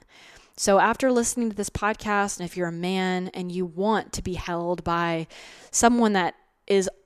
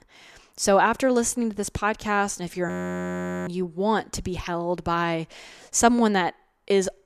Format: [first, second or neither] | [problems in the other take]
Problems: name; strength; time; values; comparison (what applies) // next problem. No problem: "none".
first | audio freezing; at 2.5 s for 1 s